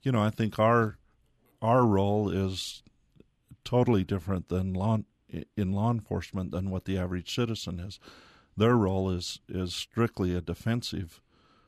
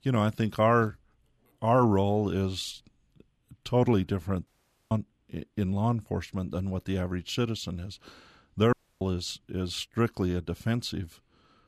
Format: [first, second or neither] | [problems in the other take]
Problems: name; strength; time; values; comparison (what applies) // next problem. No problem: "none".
first | audio cutting out; at 4.5 s and at 8.5 s